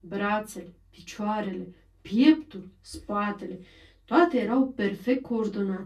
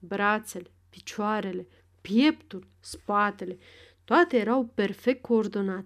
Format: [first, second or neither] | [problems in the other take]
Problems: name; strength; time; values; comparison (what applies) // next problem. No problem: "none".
second | off-mic speech; far // room echo; very slight; dies away in 0.2 s